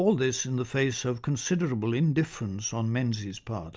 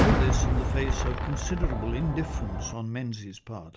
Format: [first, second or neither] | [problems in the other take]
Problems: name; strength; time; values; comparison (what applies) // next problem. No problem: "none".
first | background sound (Fireworks); 5 dB above the speech